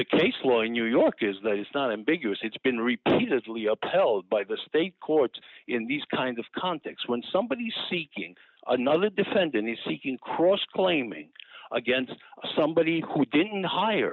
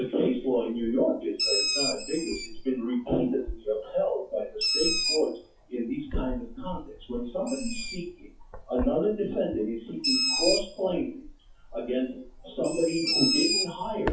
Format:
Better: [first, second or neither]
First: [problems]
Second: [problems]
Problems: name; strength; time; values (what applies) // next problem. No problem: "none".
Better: first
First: none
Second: noise reduction (classical method WPE with log-MMSE)